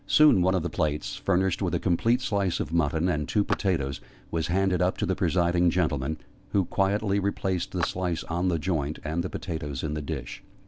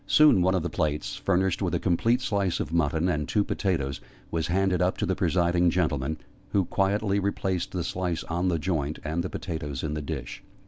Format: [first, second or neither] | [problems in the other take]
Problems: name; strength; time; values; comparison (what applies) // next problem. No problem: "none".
second | background sound (Clapping); 15 dB below the speech